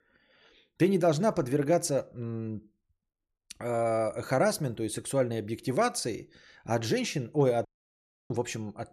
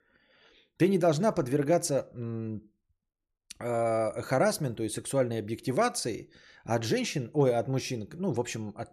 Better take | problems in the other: second | audio cutting out; at 7.5 s for 0.5 s

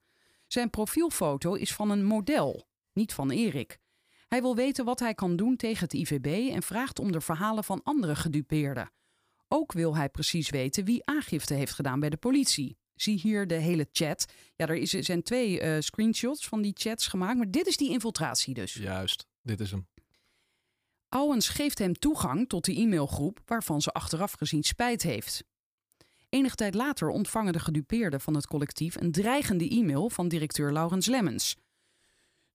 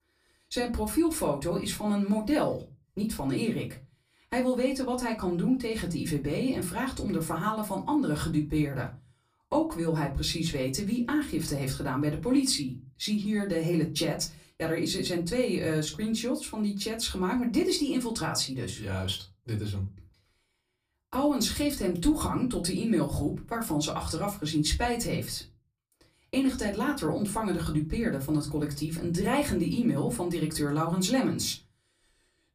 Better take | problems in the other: first | off-mic speech; far // room echo; very slight; dies away in 0.3 s

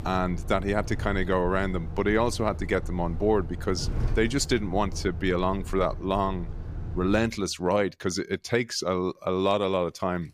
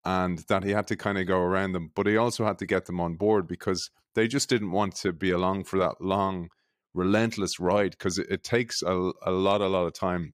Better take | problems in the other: second | traffic noise; loud; throughout; 9 dB below the speech

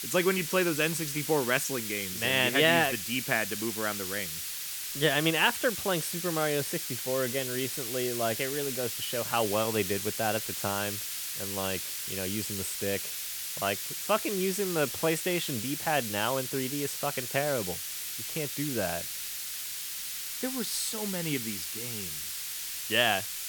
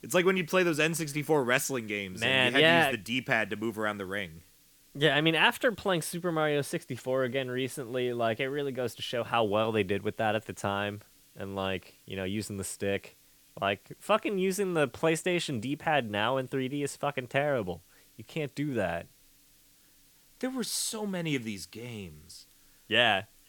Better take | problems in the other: second | hiss; loud; throughout; 3 dB below the speech; faint in the second

